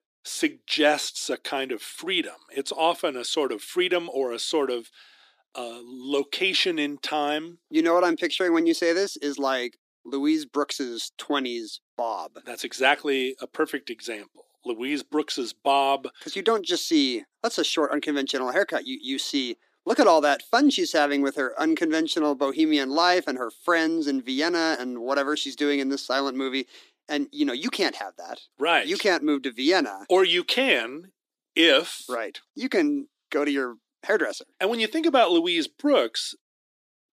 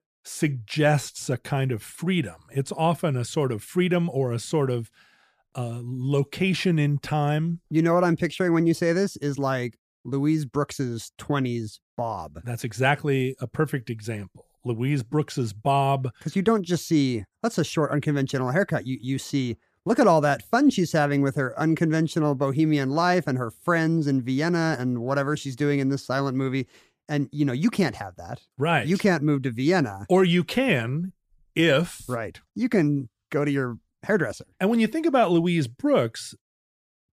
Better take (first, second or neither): second